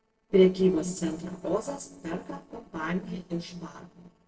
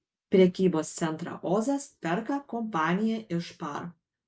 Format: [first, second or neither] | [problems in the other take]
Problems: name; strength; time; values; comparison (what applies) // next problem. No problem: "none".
second | noise reduction (neural separator model SepFormer DNS4)